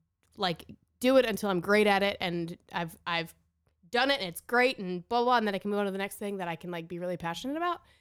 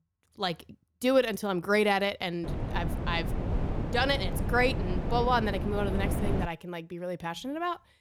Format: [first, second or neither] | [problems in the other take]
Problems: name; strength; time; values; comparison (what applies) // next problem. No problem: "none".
first | wind noise on the microphone; heavy; from 2.5 to 6.5 s; 10 dB below the speech